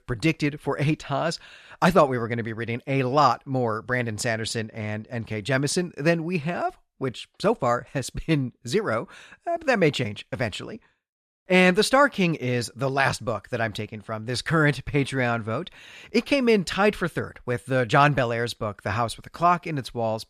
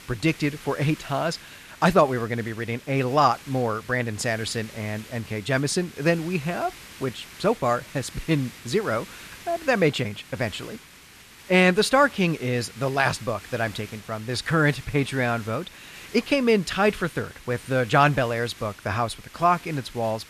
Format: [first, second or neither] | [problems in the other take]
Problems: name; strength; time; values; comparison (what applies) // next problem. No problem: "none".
first | hiss; noticeable; throughout; 20 dB below the speech